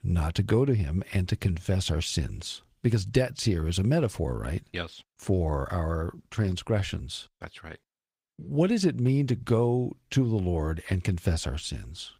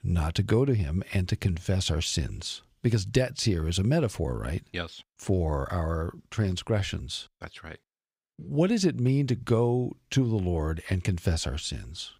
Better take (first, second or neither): second